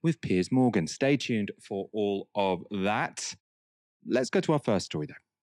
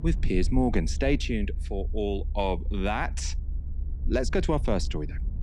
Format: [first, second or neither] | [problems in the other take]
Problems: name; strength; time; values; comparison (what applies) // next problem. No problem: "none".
first | low rumble; faint; throughout; 20 dB below the speech